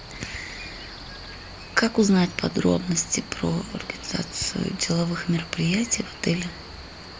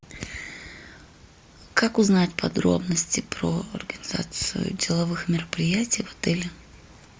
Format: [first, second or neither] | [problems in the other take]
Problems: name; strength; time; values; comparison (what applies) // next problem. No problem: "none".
second | background sound (Cricket); 14 dB below the speech